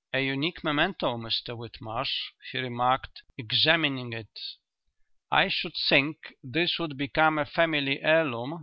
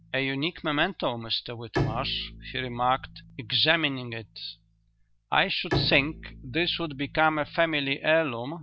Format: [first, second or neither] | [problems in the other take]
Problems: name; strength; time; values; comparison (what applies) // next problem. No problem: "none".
first | background sound (Bowed string instrument); 10 dB below the speech